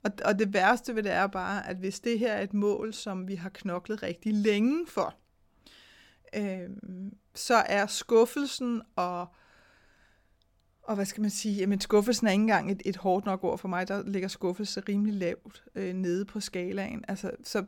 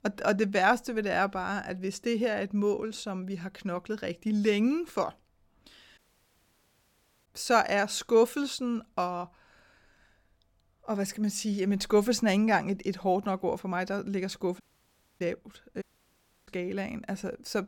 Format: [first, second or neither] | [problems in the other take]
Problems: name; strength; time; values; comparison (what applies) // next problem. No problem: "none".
first | audio cutting out; at 6 s for 1.5 s, at 15 s for 0.5 s and at 16 s for 0.5 s